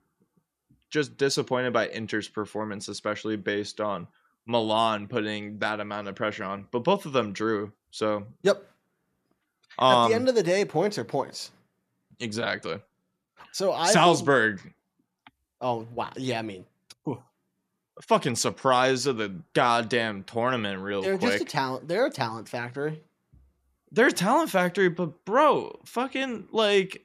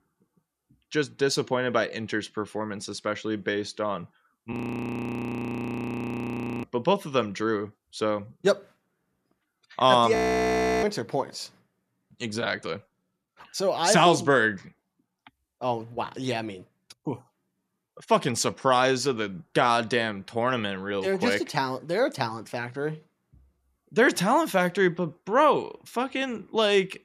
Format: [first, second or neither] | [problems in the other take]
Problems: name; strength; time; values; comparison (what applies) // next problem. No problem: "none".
first | audio freezing; at 4.5 s for 2 s and at 10 s for 0.5 s